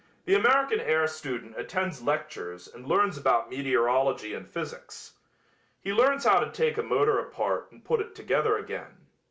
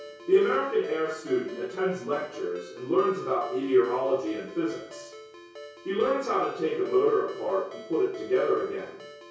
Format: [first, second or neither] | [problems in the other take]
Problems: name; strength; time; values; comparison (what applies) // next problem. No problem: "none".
first | background sound (Ringtone); 18 dB below the speech // room echo; dies away in 0.6 s